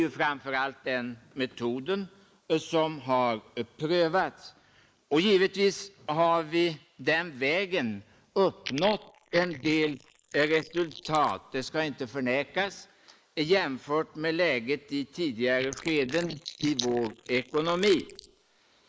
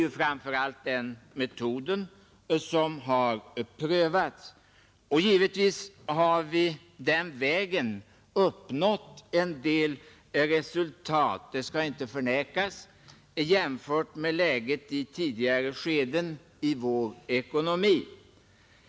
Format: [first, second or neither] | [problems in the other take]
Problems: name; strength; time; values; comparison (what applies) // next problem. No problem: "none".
second | noise reduction (neural mask model Resemble Enhance denoiser)